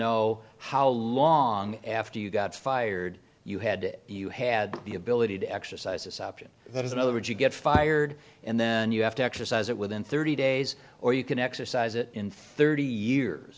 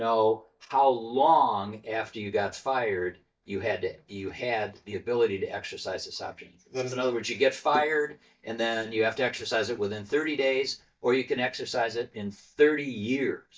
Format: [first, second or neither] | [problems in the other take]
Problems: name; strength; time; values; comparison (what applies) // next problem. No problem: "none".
first | noise reduction (neural mask model DeepFilterNet 3)